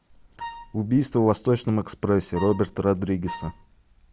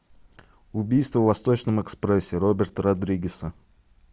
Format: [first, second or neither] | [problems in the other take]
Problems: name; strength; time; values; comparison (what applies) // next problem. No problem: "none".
second | background sound (Wind instrument, woodwind instrument); 15 dB below the speech